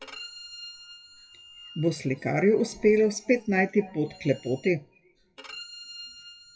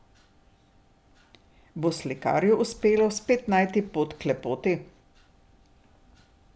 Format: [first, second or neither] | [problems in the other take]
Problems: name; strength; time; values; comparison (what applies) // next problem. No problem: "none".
second | noise reduction (classical method WPE with log-MMSE)